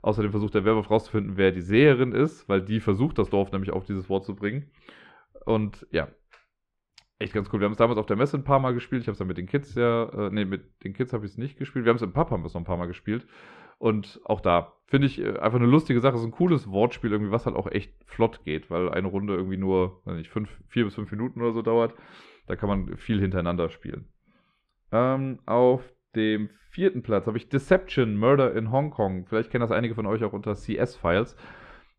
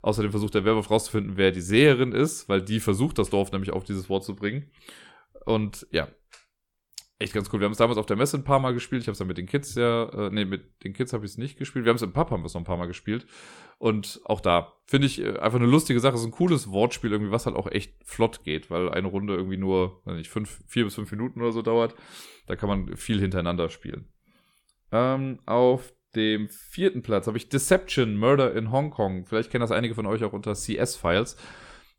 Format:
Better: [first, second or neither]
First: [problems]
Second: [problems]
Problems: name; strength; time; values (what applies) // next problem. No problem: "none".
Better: second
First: muffled; slightly; fading above 2.5 kHz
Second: none